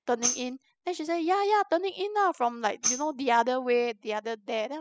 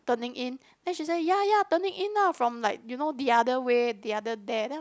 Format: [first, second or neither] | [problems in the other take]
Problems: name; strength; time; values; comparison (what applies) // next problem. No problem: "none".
second | noise reduction (classical method spectral subtraction)